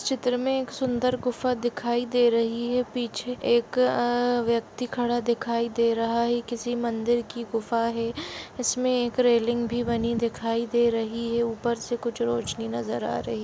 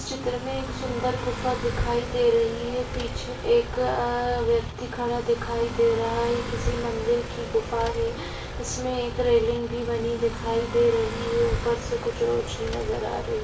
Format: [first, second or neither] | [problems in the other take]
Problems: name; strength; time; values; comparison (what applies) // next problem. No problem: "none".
first | background sound (Motorcycle / Accelerating, revving, vroom); 6 dB below the speech // room echo; dies away in 0.3 s